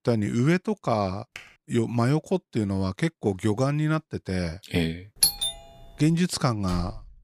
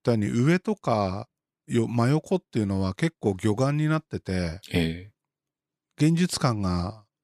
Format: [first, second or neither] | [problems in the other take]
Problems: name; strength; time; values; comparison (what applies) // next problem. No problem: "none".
second | keyboard typing; faint; at 1.5 s; peak 20 dB below the speech // doorbell; loud; at 5 s; peak 5 dB above the speech // door banging; faint; at 6.5 s; peak 15 dB below the speech